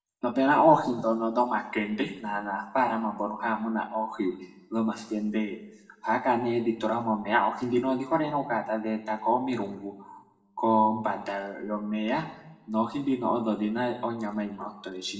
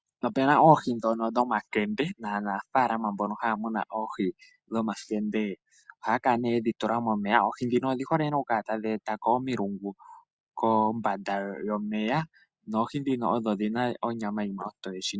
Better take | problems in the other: second | room echo; dies away in 0.8 s

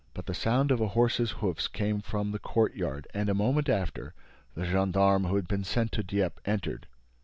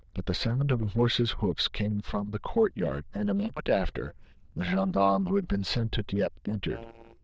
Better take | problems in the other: first | noise reduction (neural diffusion model UNIVERSE++)

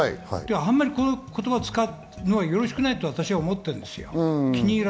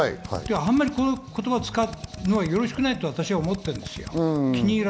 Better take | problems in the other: first | background sound (Drill); 17 dB below the speech

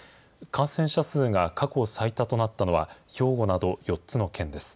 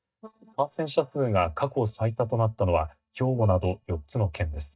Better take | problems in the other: first | noise reduction (neural mask model DeepFilterNet 3)

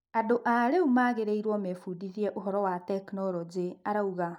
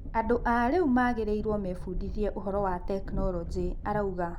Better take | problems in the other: first | background sound (Train); 6 dB below the speech

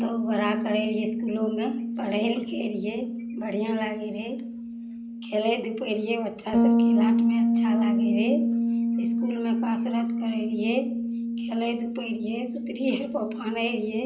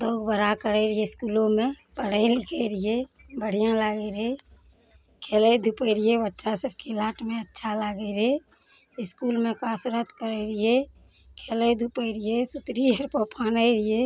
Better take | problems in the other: second | background sound (Bass guitar); 4 dB above the speech // room echo; dies away in 0.5 s

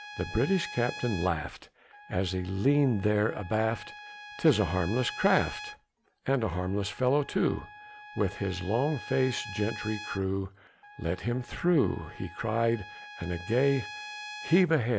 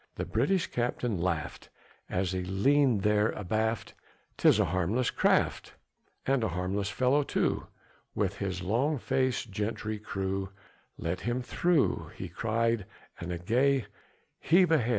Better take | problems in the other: second | background sound (Trumpet); 15 dB below the speech

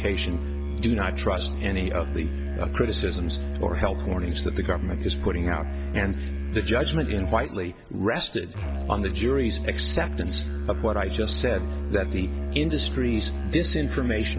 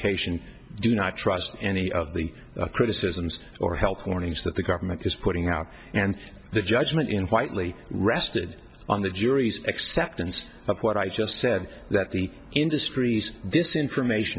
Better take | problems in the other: second | background sound (Musical instrument); 1 dB below the speech

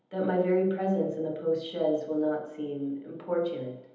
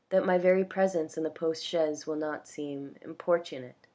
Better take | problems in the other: second | room echo; dies away in 1.3 s

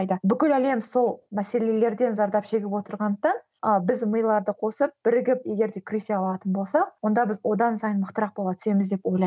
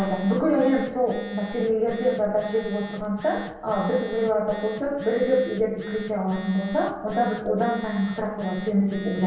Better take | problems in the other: first | background sound (Telephone); 12 dB below the speech // room echo; dies away in 0.9 s

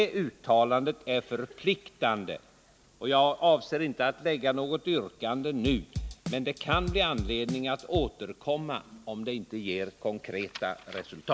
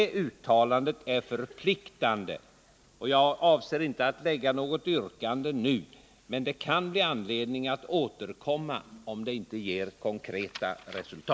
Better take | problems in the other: second | background sound (Drum / Drum kit); 7 dB below the speech

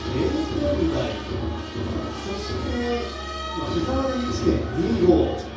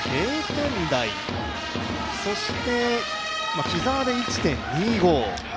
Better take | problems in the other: second | background sound (Musical instrument); 12 dB below the speech // room echo; dies away in 0.6 s

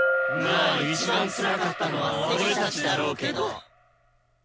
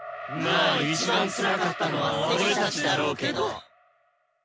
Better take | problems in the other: second | background sound (Bell); 6 dB below the speech

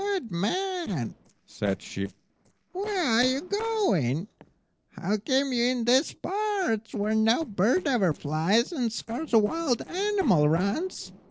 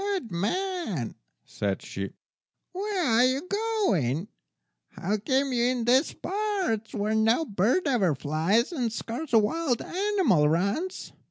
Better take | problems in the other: second | noise reduction (neural separator model SepFormer DNS4)

